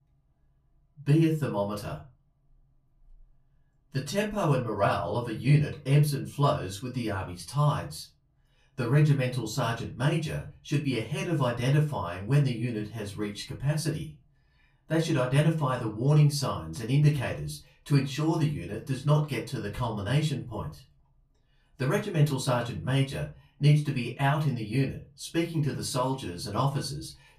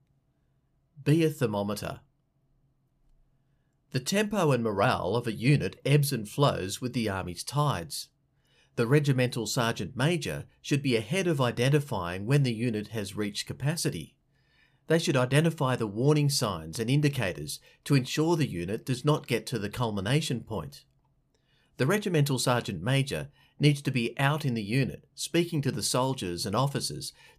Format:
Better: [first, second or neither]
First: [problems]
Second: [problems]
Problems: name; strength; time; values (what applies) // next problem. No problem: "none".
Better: second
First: off-mic speech; far // room echo; very slight; dies away in 0.3 s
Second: none